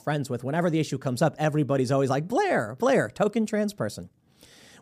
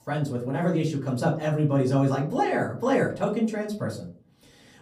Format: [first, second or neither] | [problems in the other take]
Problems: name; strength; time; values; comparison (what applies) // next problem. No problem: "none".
first | off-mic speech; far // room echo; very slight; dies away in 0.3 s